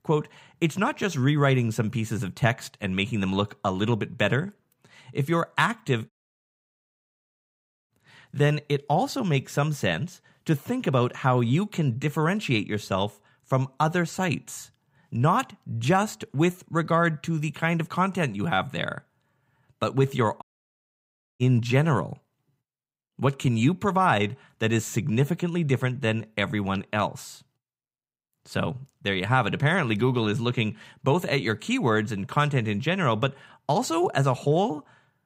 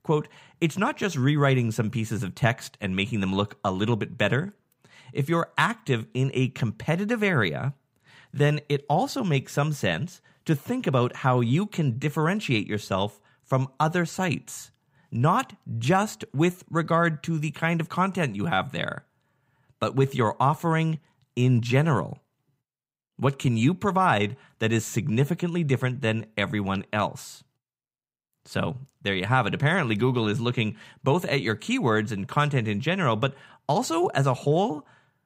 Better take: second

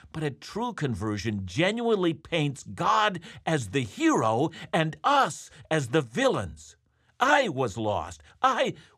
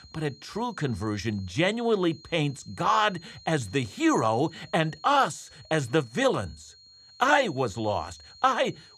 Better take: first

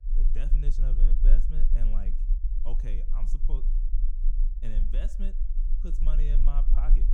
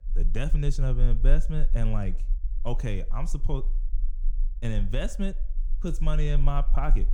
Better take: second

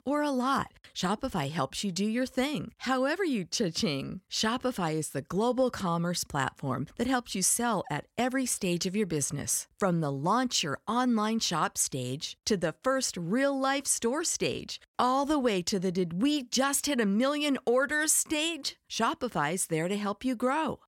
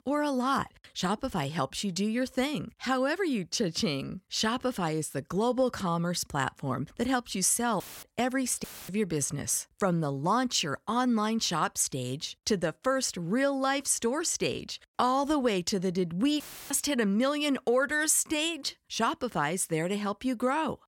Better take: first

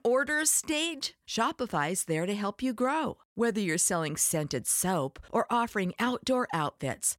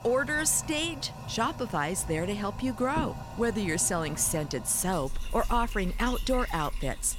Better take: first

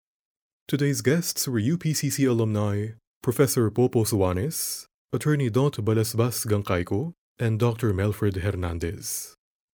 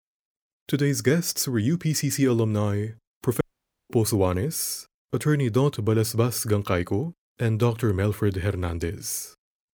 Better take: first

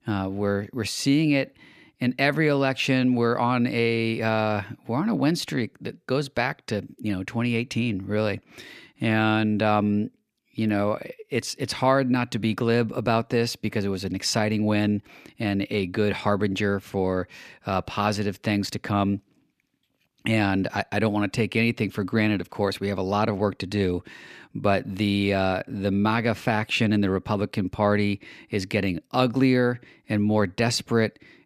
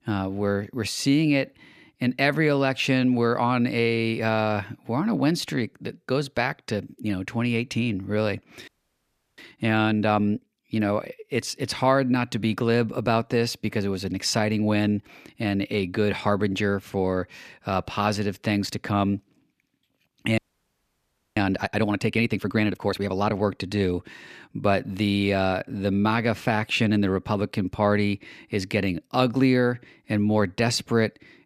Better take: first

